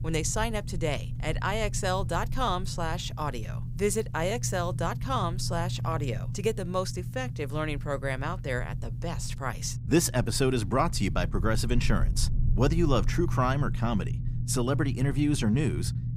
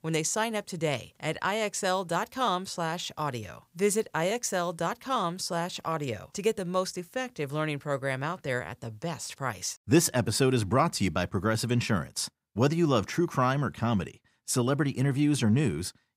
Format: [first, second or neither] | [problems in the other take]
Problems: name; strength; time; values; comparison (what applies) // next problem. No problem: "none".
second | low rumble; noticeable; throughout; 15 dB below the speech